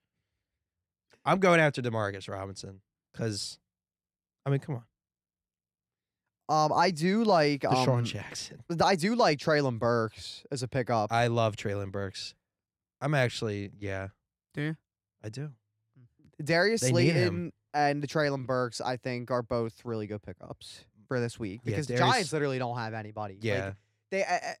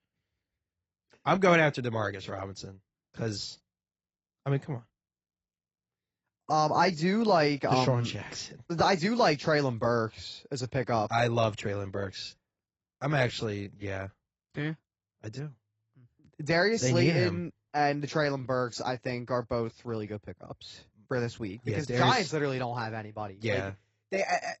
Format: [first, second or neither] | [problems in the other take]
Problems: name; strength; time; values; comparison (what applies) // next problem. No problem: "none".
first | garbled, watery; badly; nothing above 7.5 kHz